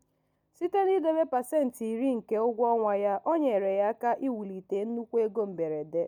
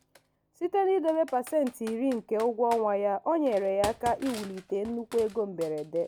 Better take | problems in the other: first | background sound (Computer keyboard); 18 dB below the speech

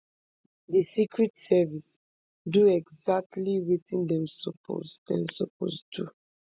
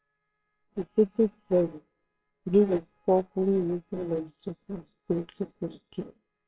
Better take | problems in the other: first | noise reduction (neural separator model SepFormer WHAMR!)

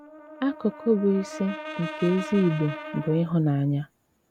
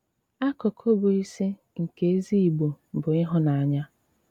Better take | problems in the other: second | background sound (Brass instrument); 13 dB below the speech

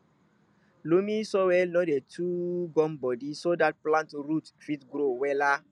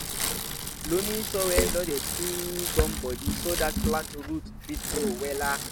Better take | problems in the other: first | background sound (Bicycle); 1 dB above the speech

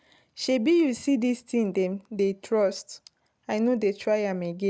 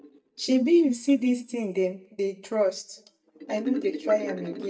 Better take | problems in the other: first | noise reduction (neural mask model DeepFilterNet 3)

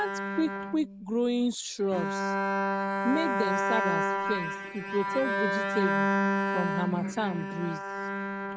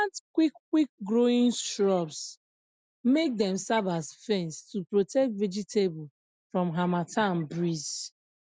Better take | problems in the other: second | noise reduction (neural mask model RNNoise)

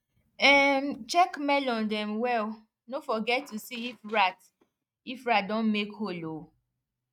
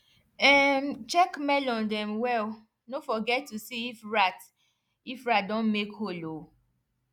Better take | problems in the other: second | noise reduction (neural mask model RNNoise)

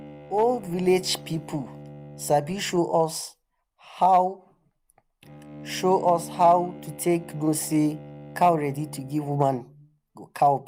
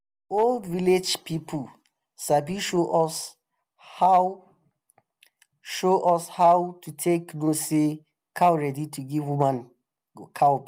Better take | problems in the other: second | background sound (Bowed string instrument); 18 dB below the speech

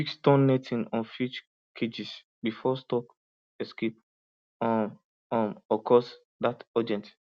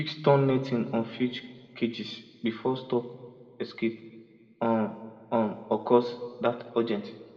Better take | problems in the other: first | room echo; dies away in 1.4 s

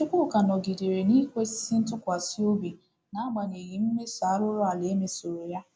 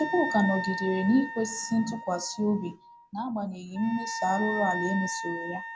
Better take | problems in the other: first | background sound (Wind instrument, woodwind instrument); 7 dB below the speech

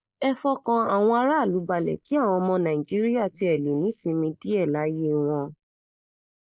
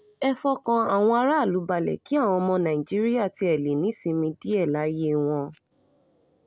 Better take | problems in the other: second | noise reduction (neural mask model Resemble Enhance denoiser)

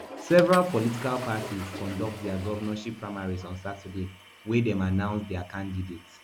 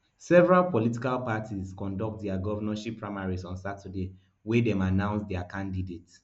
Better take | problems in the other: second | background sound (Toilet flush / Water); 14 dB below the speech

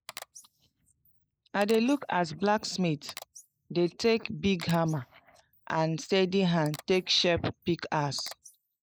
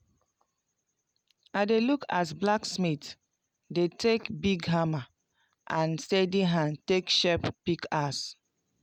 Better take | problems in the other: second | noise reduction (neural mask model Resemble Enhance denoiser)

